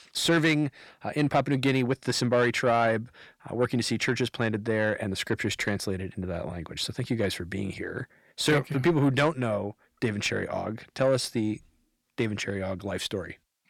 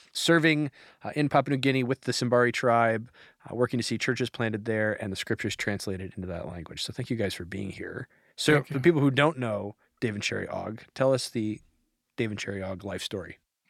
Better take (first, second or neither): second